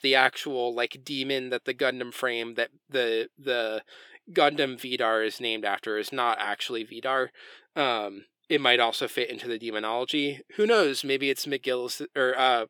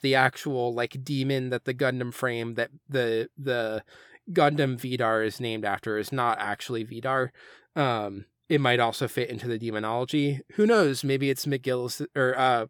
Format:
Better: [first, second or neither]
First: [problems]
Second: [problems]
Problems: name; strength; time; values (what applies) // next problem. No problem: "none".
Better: second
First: thin; very slightly; fading below 350 Hz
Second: none